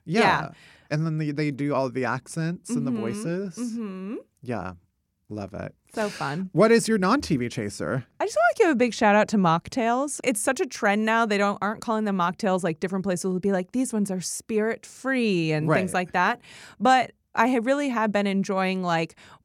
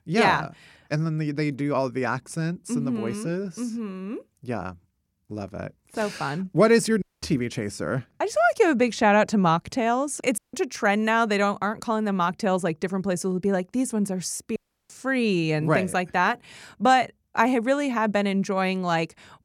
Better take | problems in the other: first | audio cutting out; at 7 s, at 10 s and at 15 s

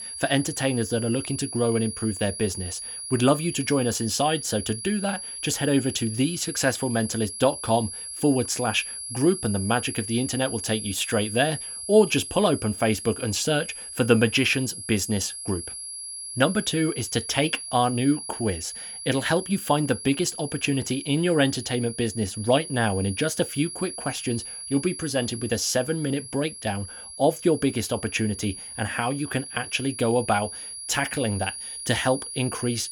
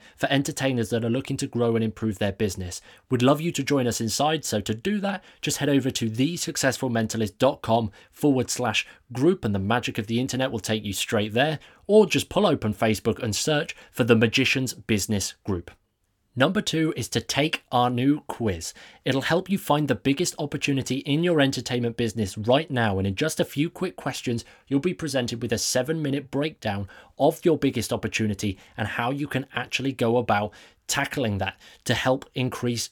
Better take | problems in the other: second | high-pitched whine; loud; throughout; 10.5 kHz, 8 dB below the speech

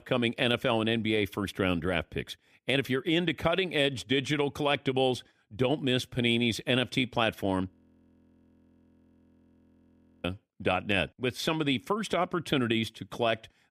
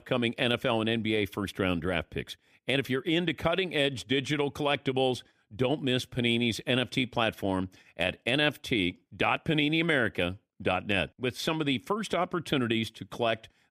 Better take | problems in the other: second | audio freezing; at 7.5 s for 2.5 s

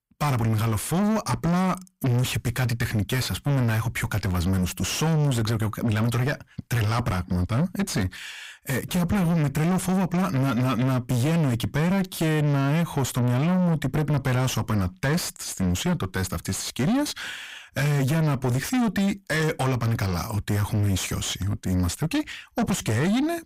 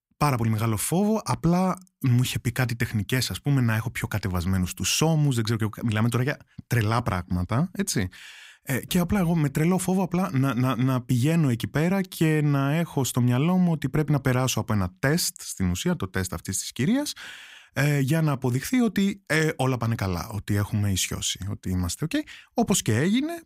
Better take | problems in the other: second | distortion; heavy; 7 dB below the speech

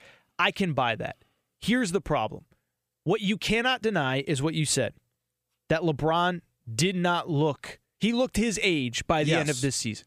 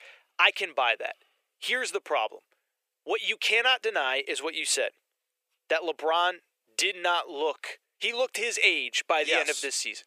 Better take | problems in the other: first | thin; very; fading below 400 Hz

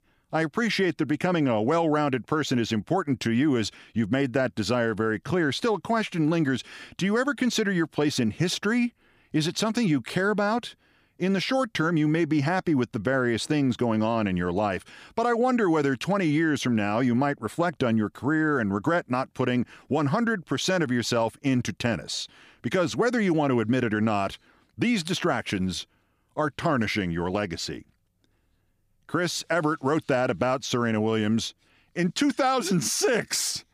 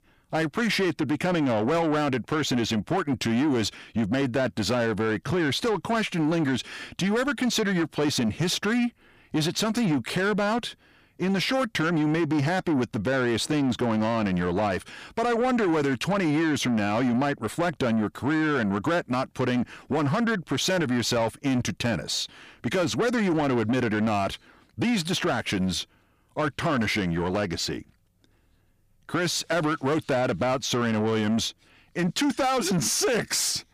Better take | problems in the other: first | distortion; slight; 10 dB below the speech

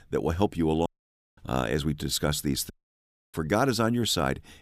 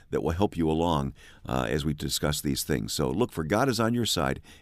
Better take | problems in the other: second | audio cutting out; at 1 s for 0.5 s and at 2.5 s for 0.5 s

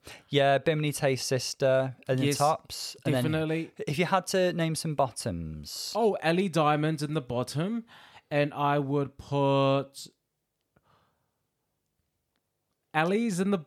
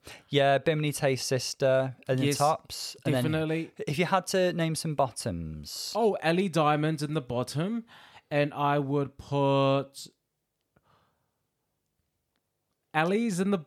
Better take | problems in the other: neither | none

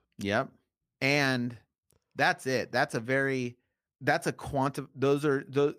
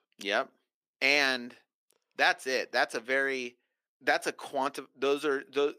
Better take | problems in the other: first | thin; somewhat; fading below 350 Hz

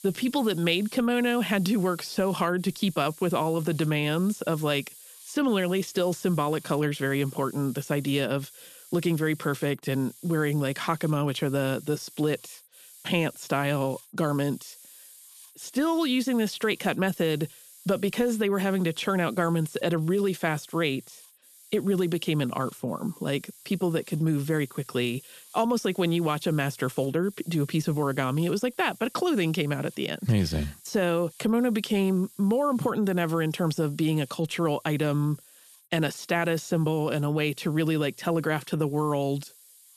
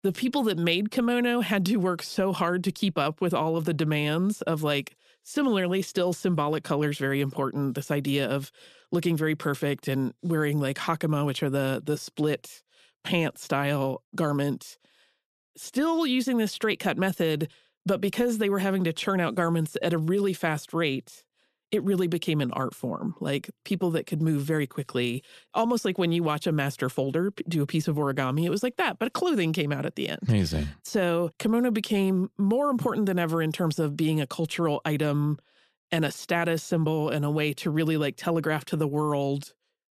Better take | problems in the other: second | hiss; faint; throughout; 20 dB below the speech

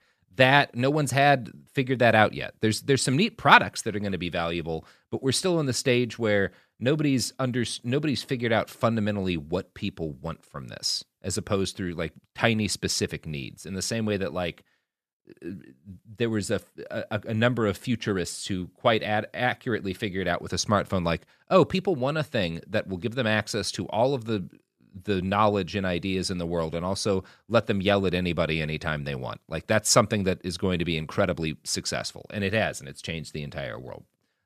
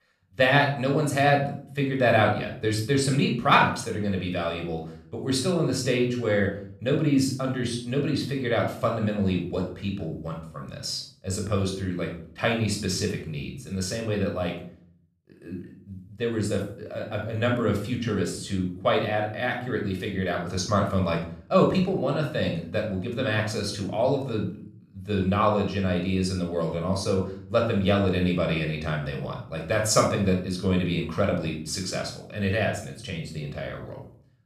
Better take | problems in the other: first | off-mic speech; somewhat distant // room echo; noticeable; dies away in 0.5 s

